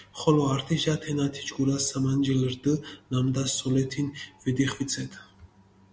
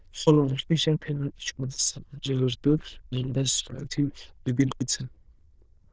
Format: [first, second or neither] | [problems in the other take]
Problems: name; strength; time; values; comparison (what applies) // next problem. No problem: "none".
first | noise reduction (neural diffusion model UNIVERSE++)